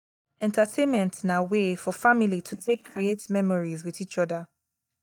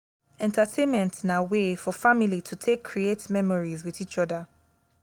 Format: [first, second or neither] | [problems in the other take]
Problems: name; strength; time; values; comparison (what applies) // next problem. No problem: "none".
second | noise reduction (neural mask model DeepFilterNet 3)